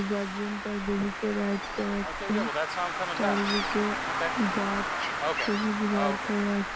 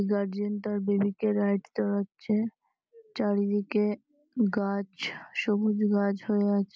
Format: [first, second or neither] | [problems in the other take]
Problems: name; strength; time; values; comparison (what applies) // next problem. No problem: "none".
second | background sound (Traffic noise, roadway noise + Gull, seagull); 1 dB below the speech